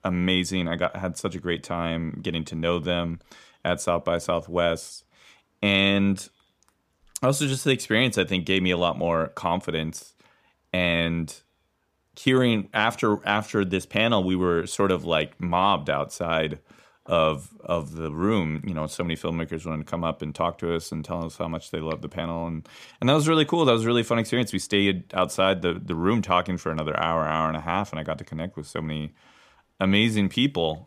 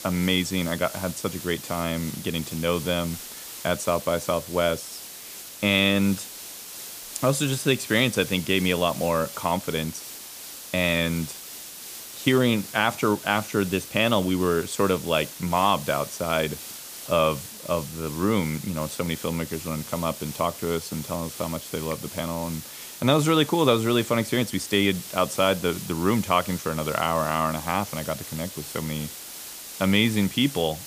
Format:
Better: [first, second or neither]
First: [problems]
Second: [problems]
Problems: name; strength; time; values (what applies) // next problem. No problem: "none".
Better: first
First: none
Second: hiss; noticeable; throughout; 10 dB below the speech